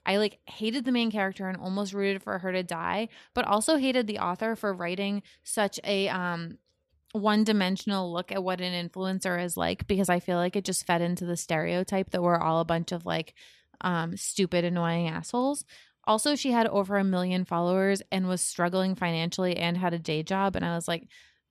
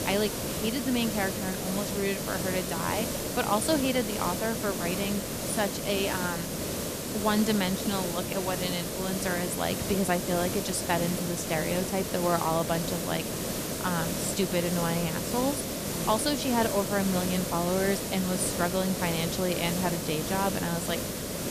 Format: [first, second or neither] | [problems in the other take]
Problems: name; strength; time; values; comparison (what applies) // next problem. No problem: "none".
first | hiss; loud; throughout; 2 dB below the speech